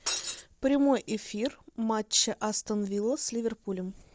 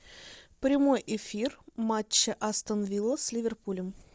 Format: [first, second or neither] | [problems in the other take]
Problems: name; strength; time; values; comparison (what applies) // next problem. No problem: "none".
second | background sound (Shatter); 3 dB below the speech